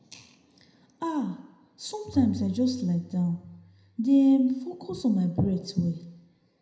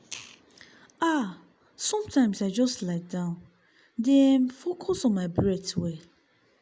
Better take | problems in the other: second | background sound (Bowed string instrument); 16 dB below the speech // room echo; dies away in 0.7 s

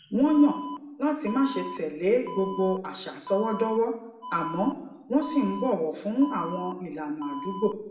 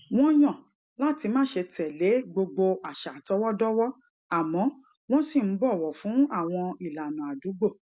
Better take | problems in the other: second | background sound (Alarm); 13 dB below the speech // room echo; dies away in 0.7 s

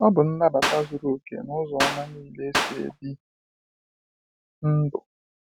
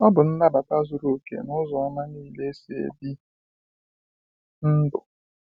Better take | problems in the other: second | background sound (Clapping); 1 dB below the speech

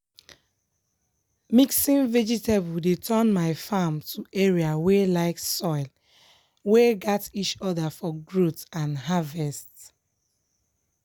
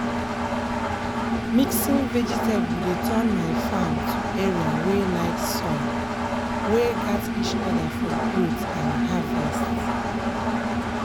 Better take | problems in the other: first | background sound (Engine); 3 dB above the speech

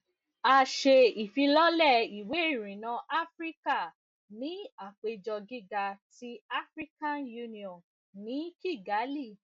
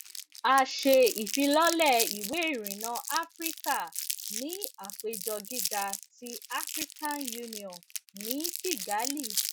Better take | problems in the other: first | background sound (Crumpling, crinkling); 6 dB below the speech

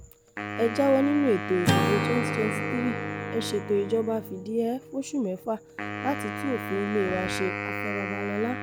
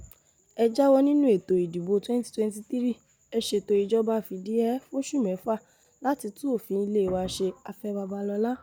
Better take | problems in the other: second | background sound (Acoustic guitar / Strum + Wind instrument, woodwind instrument); 3 dB below the speech

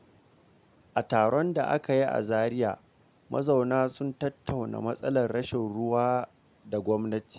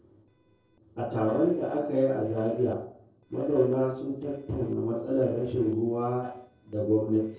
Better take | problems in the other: first | noise reduction (neural separator model SepFormer DNS4)

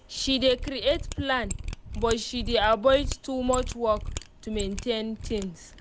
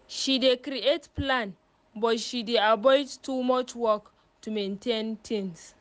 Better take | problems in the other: second | background sound (Mechanisms); 8 dB below the speech

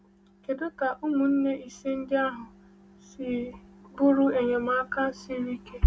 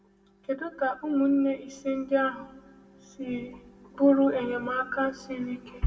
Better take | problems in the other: first | room echo; dies away in 1.2 s

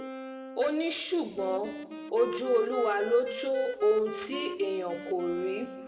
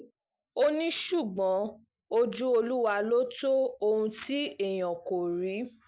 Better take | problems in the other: second | background sound (Wind instrument, woodwind instrument); 9 dB below the speech // room echo; dies away in 1.6 s

